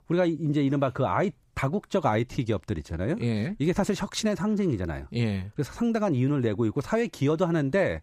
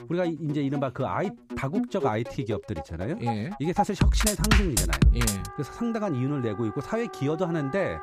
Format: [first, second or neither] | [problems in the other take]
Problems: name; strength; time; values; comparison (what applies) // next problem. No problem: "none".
first | background music; very loud; throughout; 2 dB above the speech